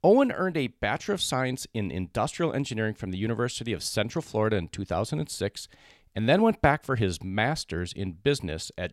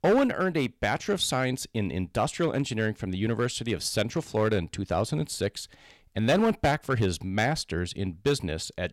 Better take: first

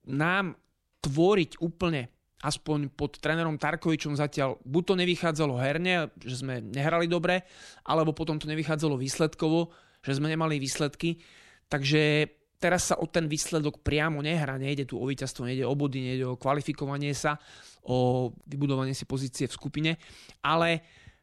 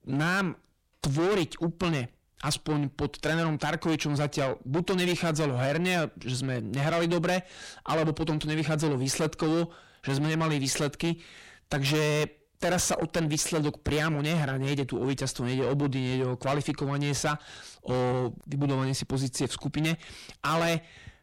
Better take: first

